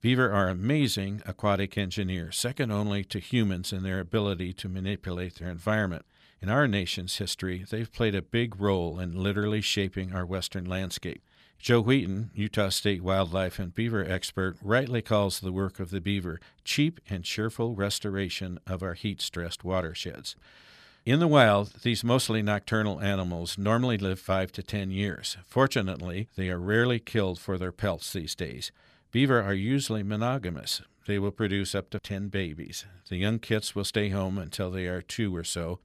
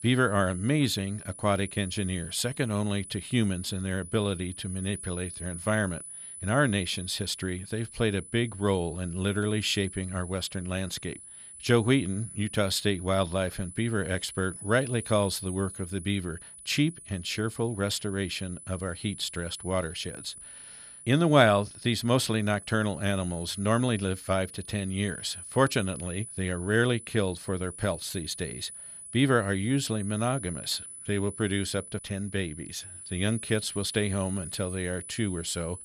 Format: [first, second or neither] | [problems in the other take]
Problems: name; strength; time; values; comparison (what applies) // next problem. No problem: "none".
first | high-pitched whine; noticeable; throughout; 10 kHz, 10 dB below the speech